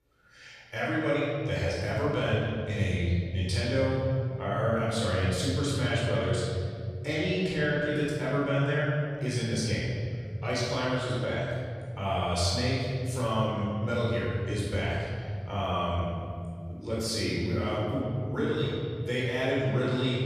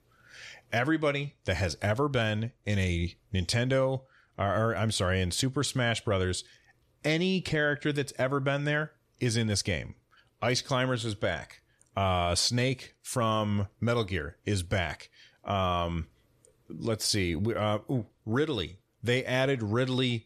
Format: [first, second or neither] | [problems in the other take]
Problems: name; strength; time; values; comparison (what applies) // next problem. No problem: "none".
second | off-mic speech; far // room echo; strong; dies away in 3 s